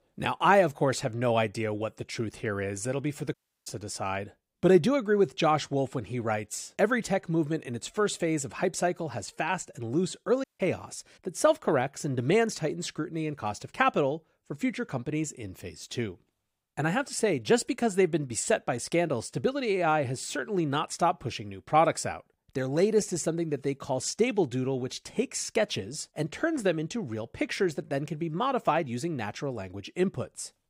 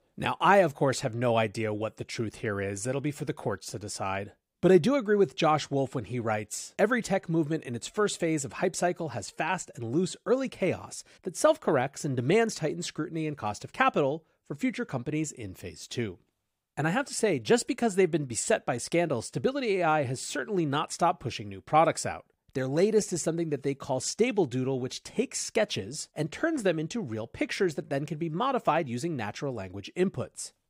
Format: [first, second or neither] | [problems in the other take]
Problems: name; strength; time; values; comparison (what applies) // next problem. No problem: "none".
second | audio cutting out; at 3.5 s and at 10 s